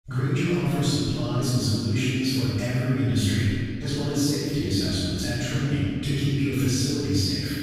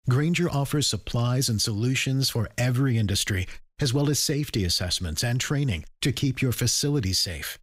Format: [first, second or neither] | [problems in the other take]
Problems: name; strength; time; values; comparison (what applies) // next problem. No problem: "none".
second | room echo; strong; dies away in 3 s // off-mic speech; far